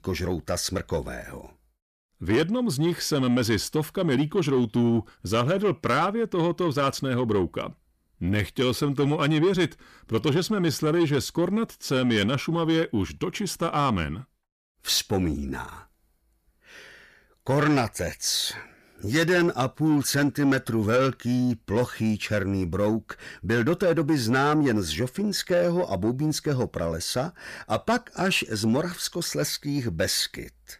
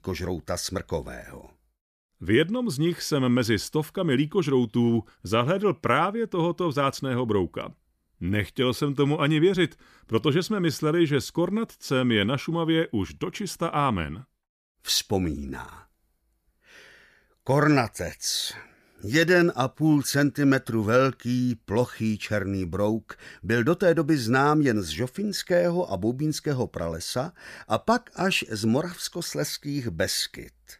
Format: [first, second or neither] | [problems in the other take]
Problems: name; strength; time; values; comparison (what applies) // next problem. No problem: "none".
second | distortion; slight; 10 dB below the speech